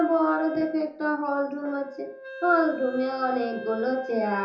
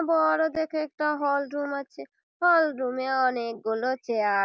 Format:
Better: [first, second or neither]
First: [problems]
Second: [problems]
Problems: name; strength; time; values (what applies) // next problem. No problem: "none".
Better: second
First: background sound (Wind instrument, woodwind instrument); 15 dB below the speech // room echo; dies away in 0.6 s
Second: none